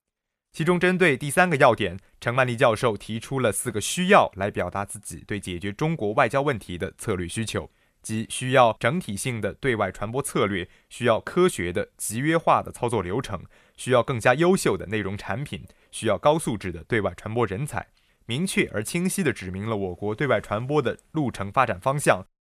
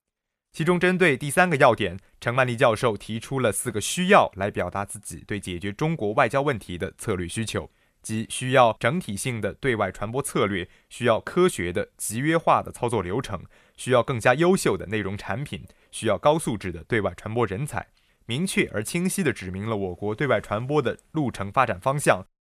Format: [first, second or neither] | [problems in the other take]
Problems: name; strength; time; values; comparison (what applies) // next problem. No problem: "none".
neither | none